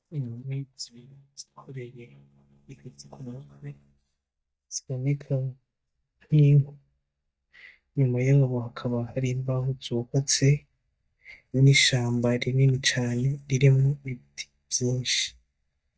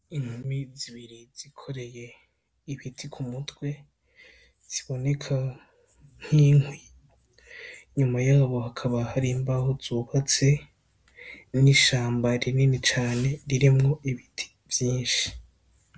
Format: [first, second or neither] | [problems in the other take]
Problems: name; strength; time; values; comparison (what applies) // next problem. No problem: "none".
second | noise reduction (neural mask model DeepFilterNet 3)